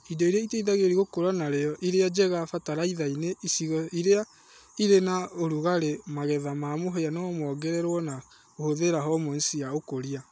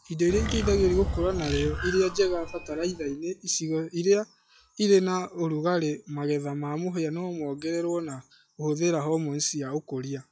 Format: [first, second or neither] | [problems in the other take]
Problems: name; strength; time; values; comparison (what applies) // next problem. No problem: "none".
first | noise reduction (classical method log-MMSE)